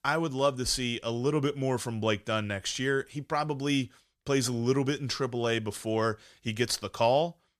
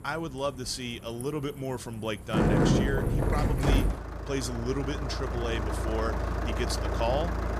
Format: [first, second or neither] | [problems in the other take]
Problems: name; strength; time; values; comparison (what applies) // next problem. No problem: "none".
first | traffic noise; very loud; throughout; 4 dB above the speech